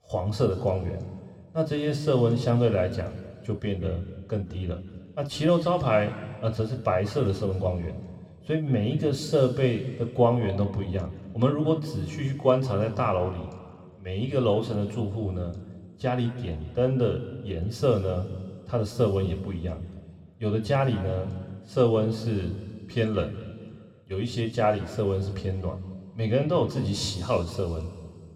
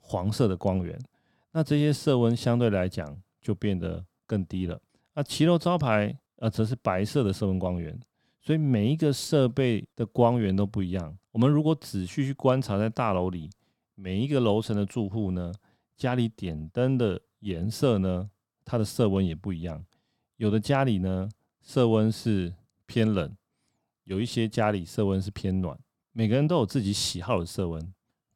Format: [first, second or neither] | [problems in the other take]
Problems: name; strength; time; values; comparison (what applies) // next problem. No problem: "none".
second | room echo; slight; dies away in 1.9 s